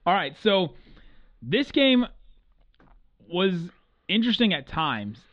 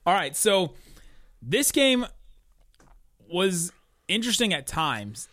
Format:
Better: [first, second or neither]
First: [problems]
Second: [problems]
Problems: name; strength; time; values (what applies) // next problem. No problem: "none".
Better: second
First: muffled; very; fading above 4 kHz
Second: none